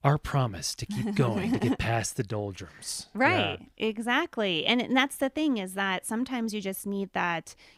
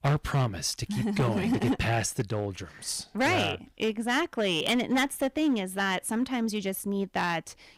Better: first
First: none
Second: distortion; slight; 7% of the sound clipped

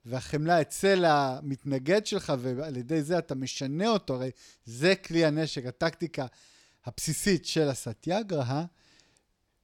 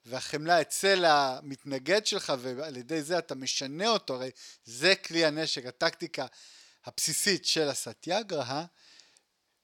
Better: first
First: none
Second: thin; somewhat; fading below 750 Hz

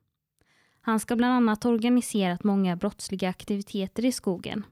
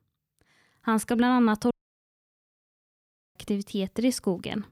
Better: first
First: none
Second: audio cutting out; at 1.5 s for 1.5 s

